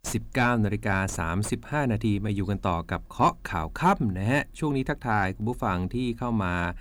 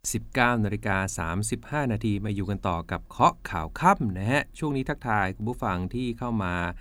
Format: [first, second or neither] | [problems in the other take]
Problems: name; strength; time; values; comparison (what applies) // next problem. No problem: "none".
second | distortion; slight; 10 dB below the speech